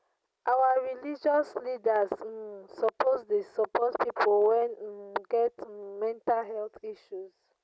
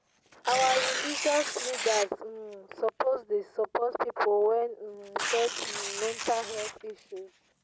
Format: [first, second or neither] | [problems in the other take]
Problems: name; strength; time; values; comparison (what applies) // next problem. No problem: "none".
first | background sound (Tearing); 6 dB below the speech